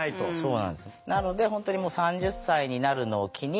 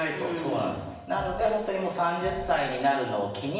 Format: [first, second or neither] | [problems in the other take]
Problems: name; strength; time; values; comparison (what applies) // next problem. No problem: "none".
first | room echo; dies away in 0.9 s